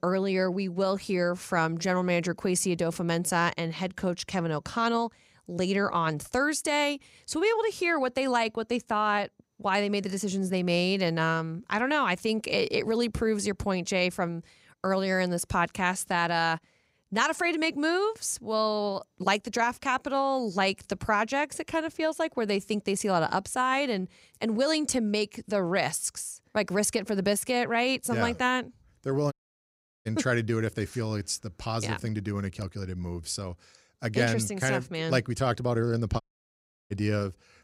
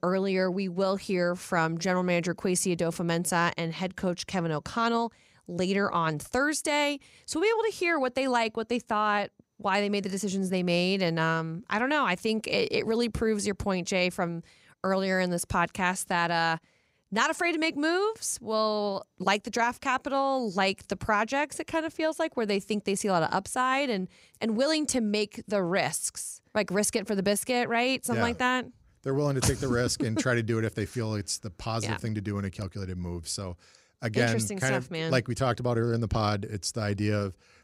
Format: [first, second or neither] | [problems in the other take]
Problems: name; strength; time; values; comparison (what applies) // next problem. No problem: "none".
second | audio cutting out; at 29 s for 0.5 s and at 36 s for 0.5 s